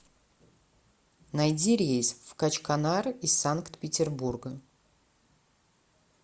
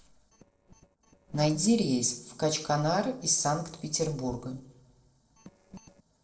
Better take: first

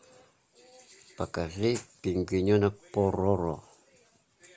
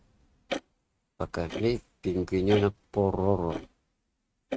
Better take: first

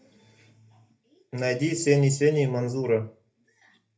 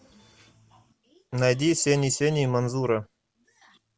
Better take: second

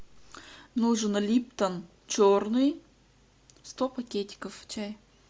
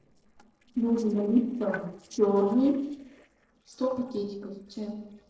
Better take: first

